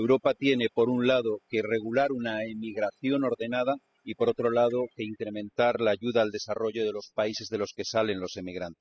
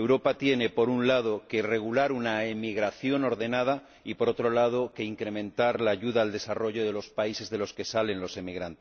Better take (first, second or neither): second